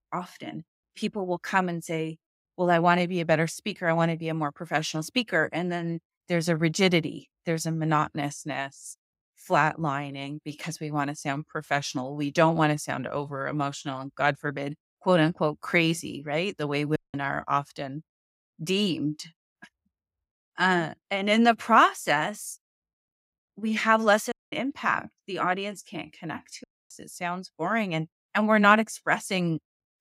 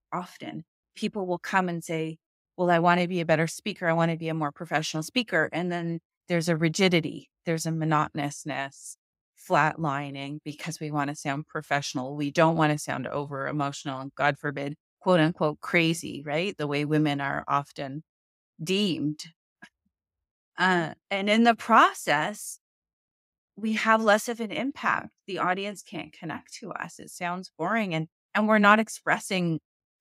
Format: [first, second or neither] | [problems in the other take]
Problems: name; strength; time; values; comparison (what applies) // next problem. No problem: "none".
second | audio cutting out; at 17 s, at 24 s and at 27 s